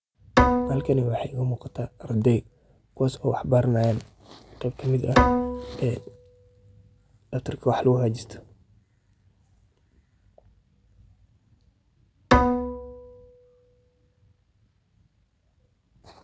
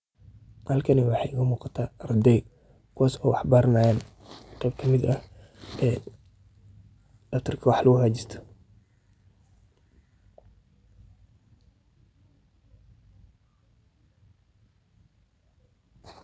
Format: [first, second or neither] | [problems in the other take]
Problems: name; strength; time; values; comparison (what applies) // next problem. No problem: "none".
second | background sound (Bowed string instrument); 3 dB above the speech